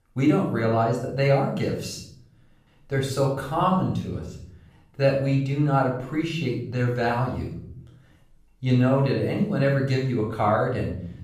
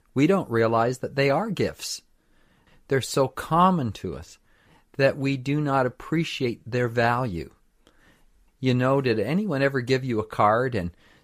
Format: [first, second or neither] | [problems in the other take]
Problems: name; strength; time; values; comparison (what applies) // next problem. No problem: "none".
second | off-mic speech; far // room echo; noticeable; dies away in 0.7 s